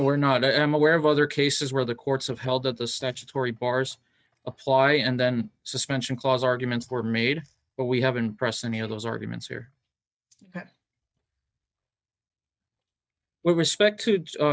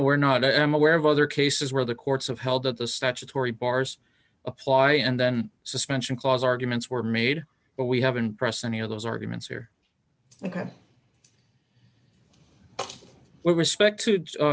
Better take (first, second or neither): second